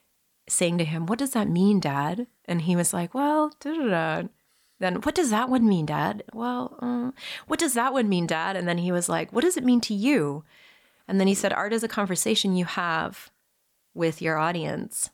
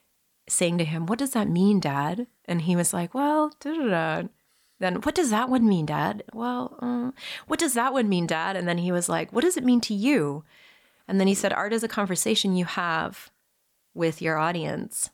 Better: neither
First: none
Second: none

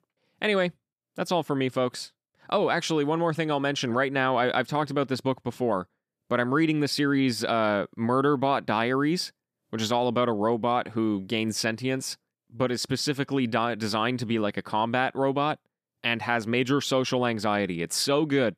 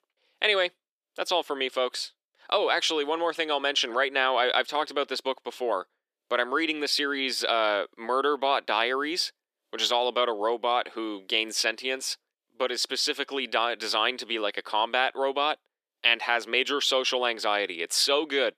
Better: first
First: none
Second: thin; somewhat; fading below 350 Hz

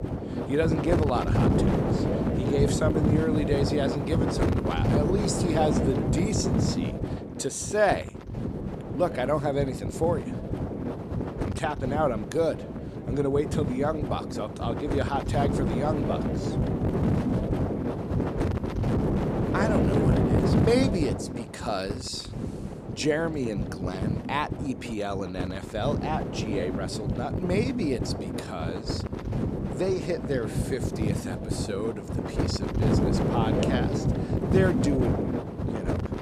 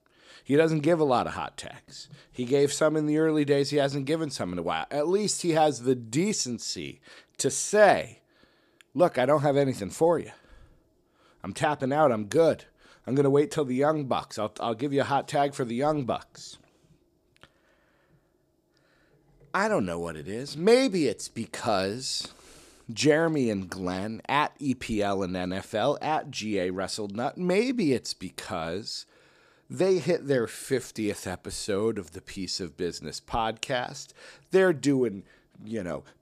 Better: second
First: wind noise on the microphone; heavy; 3 dB below the speech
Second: none

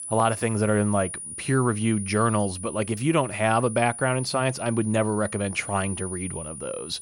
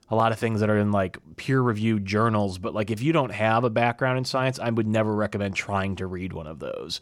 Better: second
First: high-pitched whine; loud; throughout; 9.5 kHz, 10 dB below the speech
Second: none

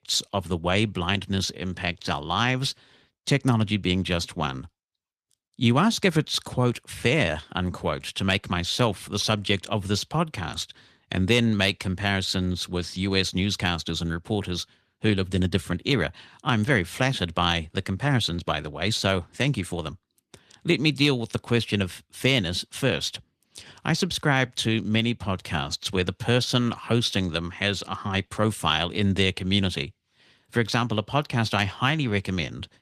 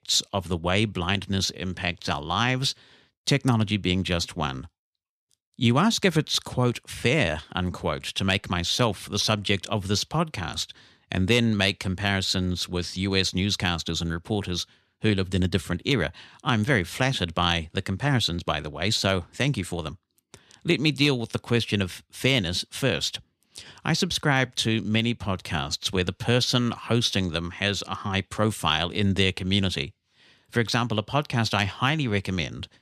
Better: second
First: garbled, watery; slightly; nothing above 14 kHz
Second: none

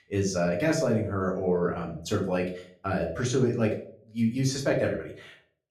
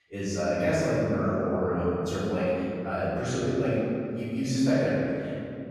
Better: first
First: room echo; slight; dies away in 0.4 s // off-mic speech; far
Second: room echo; strong; dies away in 2.8 s // off-mic speech; far

